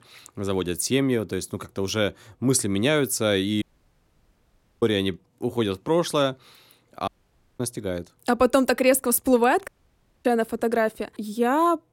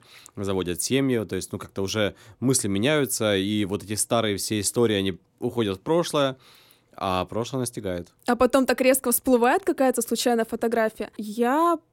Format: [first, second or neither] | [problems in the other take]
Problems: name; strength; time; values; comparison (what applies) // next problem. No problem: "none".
second | audio cutting out; at 3.5 s for 1 s, at 7 s for 0.5 s and at 9.5 s for 0.5 s